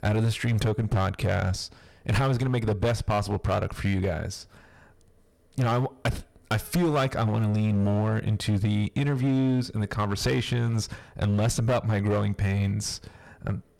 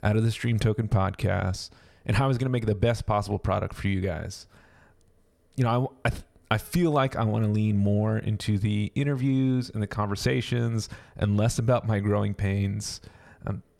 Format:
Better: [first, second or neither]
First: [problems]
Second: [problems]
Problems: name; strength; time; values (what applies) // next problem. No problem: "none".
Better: second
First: distortion; slight; 12% of the sound clipped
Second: none